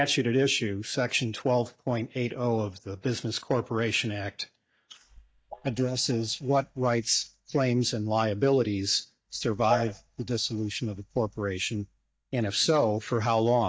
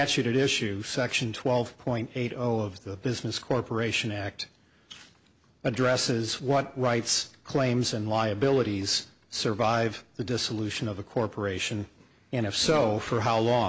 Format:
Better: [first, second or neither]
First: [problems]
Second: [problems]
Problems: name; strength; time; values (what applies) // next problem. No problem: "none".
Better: second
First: noise reduction (neural mask model DeepFilterNet 3)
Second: none